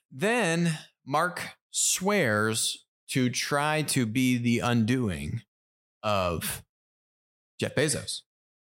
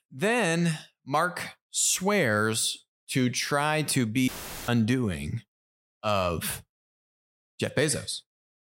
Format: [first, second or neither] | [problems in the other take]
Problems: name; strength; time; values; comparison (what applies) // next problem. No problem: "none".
first | audio cutting out; filled with static; at 4.5 s